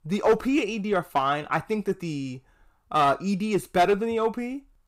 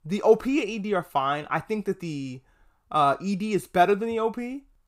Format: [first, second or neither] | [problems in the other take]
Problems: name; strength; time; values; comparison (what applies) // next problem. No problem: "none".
second | distortion; slight; 3% of the sound clipped